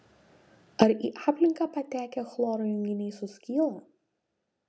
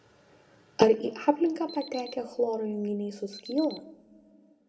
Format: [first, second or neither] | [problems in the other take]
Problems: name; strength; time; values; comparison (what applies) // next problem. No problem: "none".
first | background sound (Alarm); 19 dB below the speech // room echo; dies away in 1.1 s